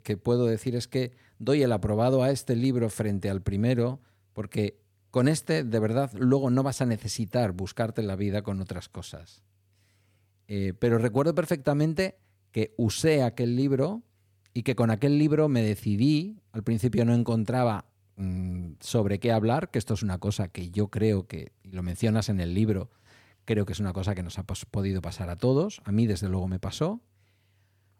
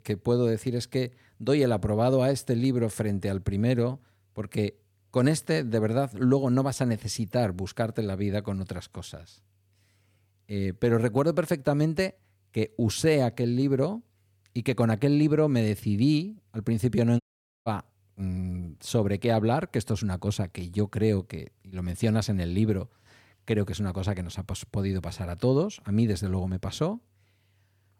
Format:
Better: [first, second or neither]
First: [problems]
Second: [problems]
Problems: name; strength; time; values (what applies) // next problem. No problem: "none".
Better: first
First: none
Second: audio cutting out; at 17 s